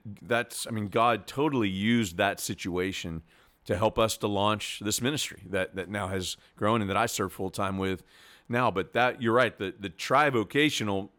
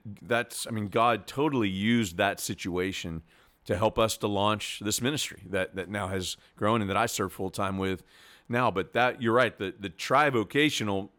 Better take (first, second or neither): neither